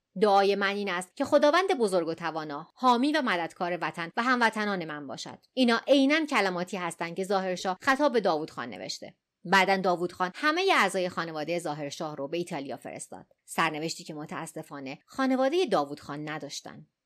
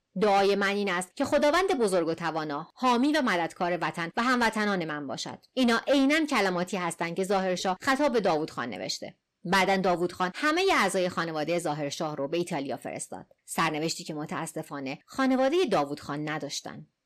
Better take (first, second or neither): first